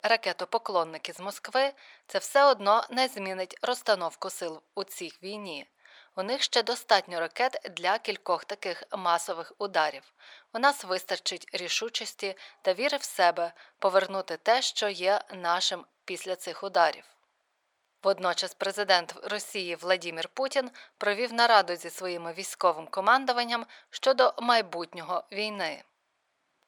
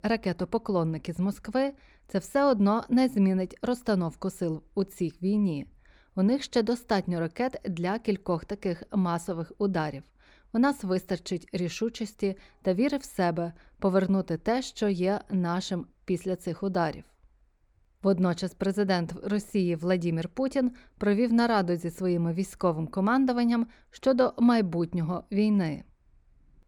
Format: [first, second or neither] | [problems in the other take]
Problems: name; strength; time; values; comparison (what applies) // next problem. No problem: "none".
second | thin; very; fading below 900 Hz